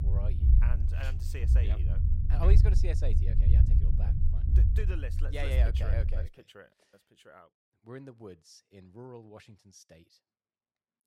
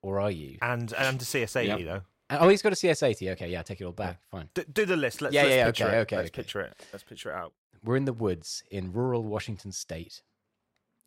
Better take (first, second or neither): second